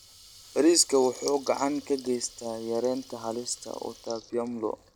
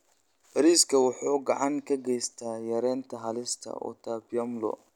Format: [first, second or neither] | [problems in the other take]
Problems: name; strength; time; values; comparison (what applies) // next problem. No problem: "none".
second | background sound (Water tap, faucet / Liquid); 19 dB below the speech